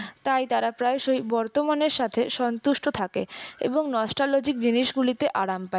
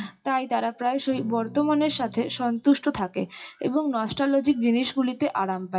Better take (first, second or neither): first